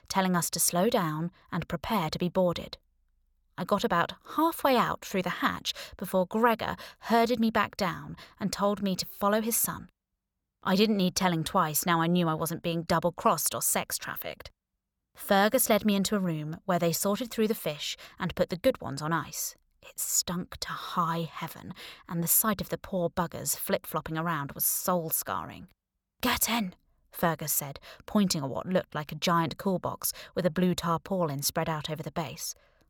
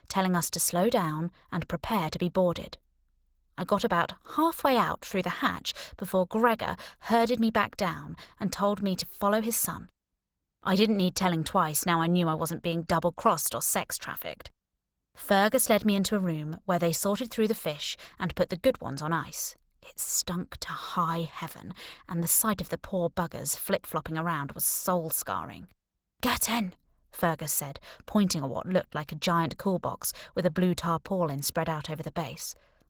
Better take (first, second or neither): first